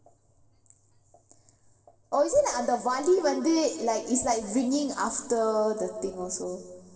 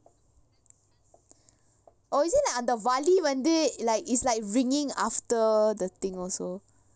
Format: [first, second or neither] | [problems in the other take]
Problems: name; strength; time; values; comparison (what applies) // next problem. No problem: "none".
second | room echo; dies away in 2 s